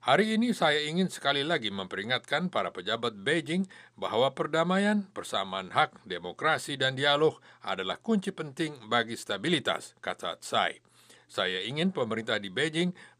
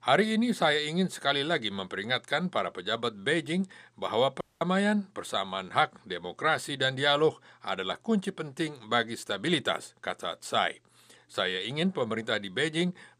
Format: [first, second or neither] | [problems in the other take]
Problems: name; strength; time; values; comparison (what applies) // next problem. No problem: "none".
first | audio cutting out; at 4.5 s